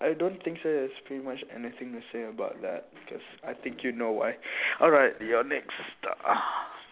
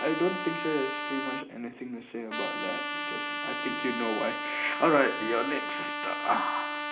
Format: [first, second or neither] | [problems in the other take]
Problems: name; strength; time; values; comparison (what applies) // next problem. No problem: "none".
first | background sound (Trumpet); 3 dB below the speech // room echo; dies away in 0.4 s